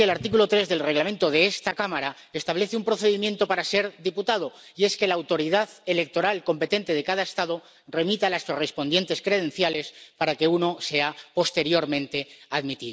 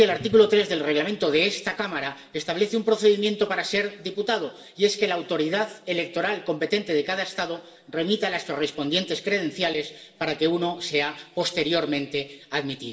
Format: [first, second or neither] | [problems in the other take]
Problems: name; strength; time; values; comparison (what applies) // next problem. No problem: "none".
first | room echo; dies away in 1.6 s